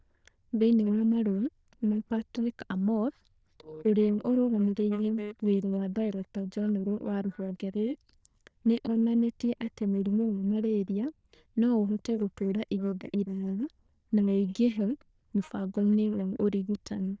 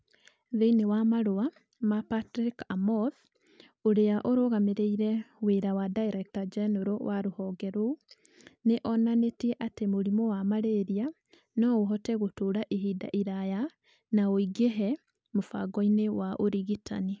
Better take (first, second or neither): second